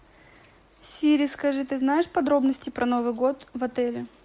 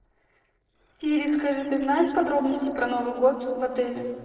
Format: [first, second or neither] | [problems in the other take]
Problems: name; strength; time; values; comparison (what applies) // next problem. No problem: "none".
first | noise reduction (neural separator model SepFormer DNS4)